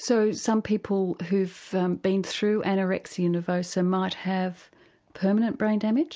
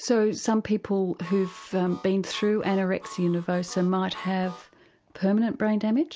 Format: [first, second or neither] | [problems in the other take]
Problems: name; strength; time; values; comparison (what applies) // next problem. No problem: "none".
first | background sound (Harmonica); 19 dB below the speech